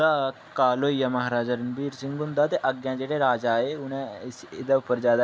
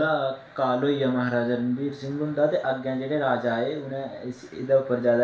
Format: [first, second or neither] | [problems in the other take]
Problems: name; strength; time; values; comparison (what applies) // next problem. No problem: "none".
first | room echo; dies away in 0.5 s